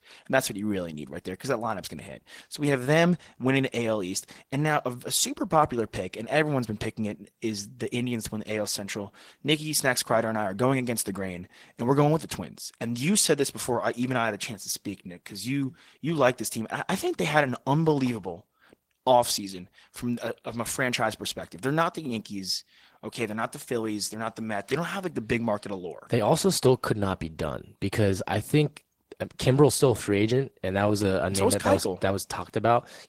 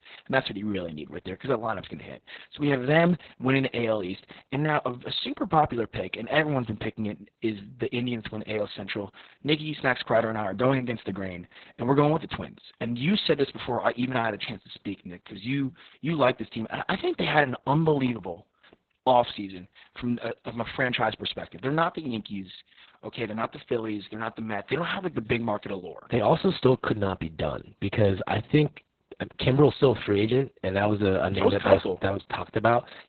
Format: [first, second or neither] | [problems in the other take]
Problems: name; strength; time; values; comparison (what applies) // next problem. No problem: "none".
first | garbled, watery; badly; nothing above 4 kHz; slightly in the first